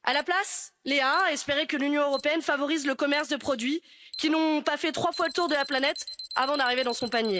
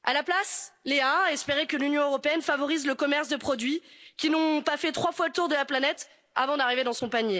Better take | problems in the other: second | noise reduction (neural mask model RNNoise)

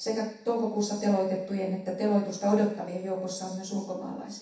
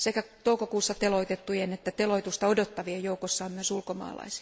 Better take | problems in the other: second | room echo; dies away in 0.7 s

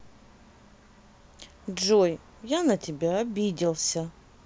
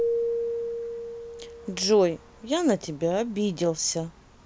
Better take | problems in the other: first | background sound (Keyboard (musical)); 6 dB below the speech

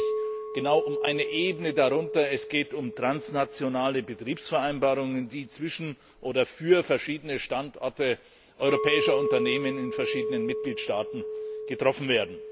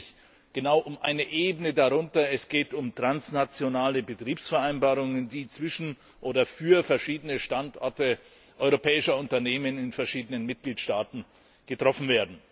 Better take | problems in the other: second | background sound (Chink, clink); 6 dB below the speech

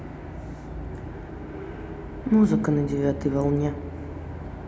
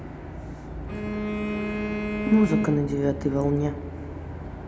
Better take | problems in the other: first | background sound (Bowed string instrument); 5 dB below the speech

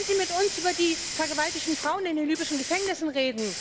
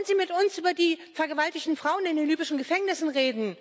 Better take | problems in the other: second | background sound (Hiss); 7 dB below the speech

